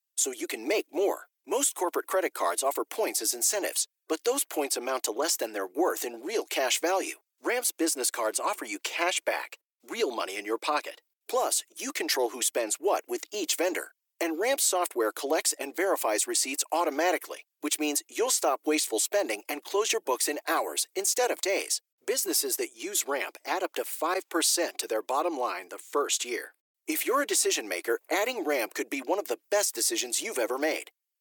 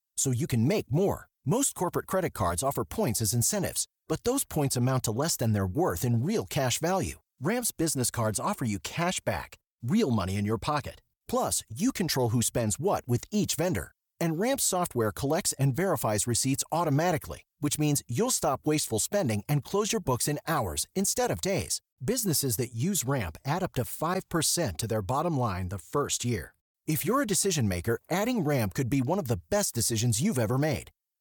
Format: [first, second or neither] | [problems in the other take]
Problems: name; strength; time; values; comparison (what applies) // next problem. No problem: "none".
second | thin; very; fading below 300 Hz